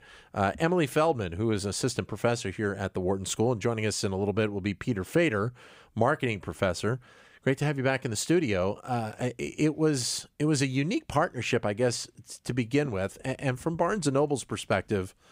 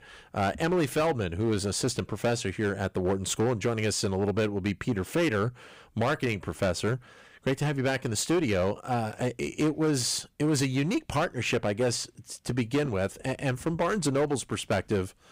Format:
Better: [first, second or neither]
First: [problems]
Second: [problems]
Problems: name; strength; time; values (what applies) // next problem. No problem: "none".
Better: first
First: none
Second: distortion; slight; 10% of the sound clipped